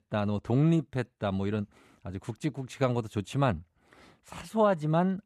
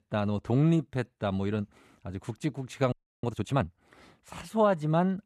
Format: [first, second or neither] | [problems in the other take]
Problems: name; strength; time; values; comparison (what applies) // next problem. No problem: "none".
first | audio freezing; at 3 s